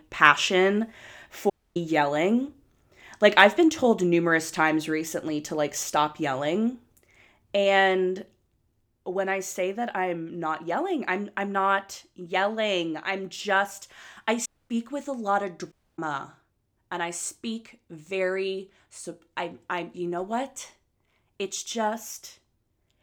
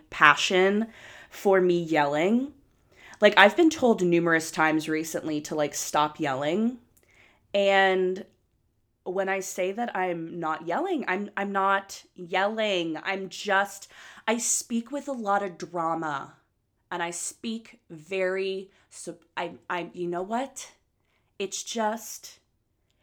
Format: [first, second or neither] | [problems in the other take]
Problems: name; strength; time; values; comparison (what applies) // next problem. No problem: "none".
second | audio cutting out; at 1.5 s, at 14 s and at 16 s